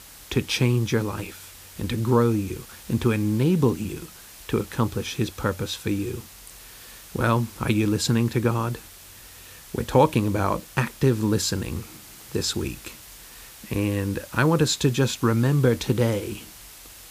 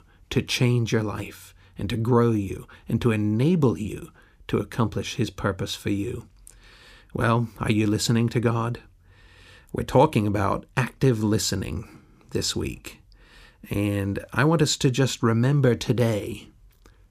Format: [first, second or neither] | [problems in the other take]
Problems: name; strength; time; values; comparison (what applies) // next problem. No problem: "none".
second | hiss; noticeable; throughout; 20 dB below the speech